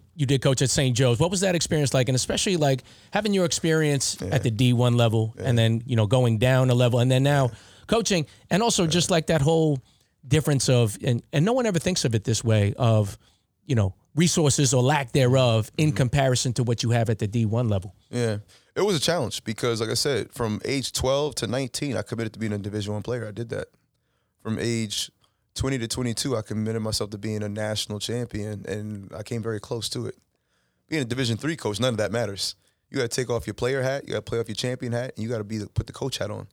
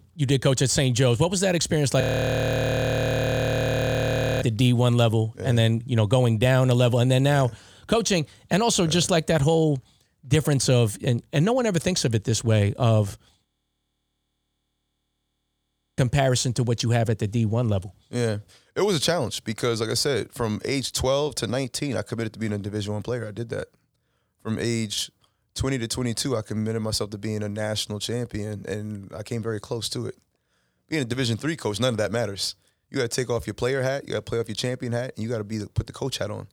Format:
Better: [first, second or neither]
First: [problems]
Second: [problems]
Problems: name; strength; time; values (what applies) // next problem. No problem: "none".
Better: first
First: none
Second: audio freezing; at 2 s for 2.5 s and at 13 s for 2.5 s